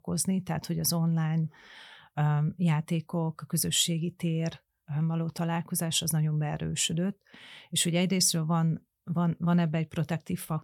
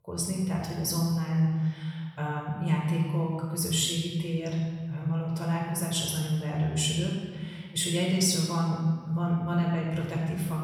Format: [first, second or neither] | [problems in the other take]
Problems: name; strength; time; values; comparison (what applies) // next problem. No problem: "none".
first | off-mic speech; far // room echo; noticeable; dies away in 1.4 s